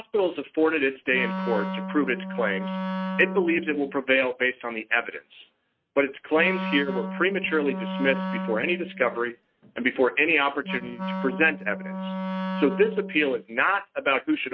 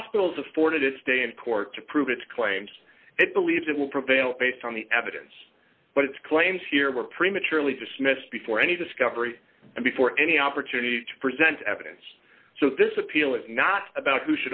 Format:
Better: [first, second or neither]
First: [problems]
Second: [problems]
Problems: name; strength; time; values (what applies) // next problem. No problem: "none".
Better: second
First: noise reduction (neural mask model RNNoise)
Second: none